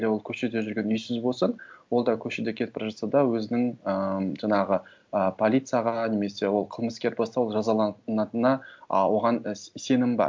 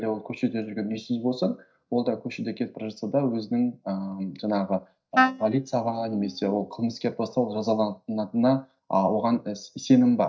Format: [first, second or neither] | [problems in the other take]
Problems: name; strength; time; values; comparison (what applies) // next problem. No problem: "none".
first | noise reduction (neural mask model DeepFilterNet 3)